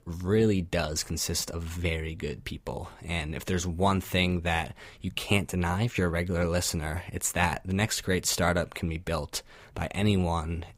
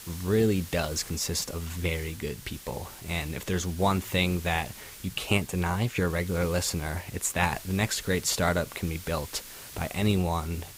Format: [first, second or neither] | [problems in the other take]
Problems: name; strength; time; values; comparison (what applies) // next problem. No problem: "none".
first | hiss; noticeable; throughout; 15 dB below the speech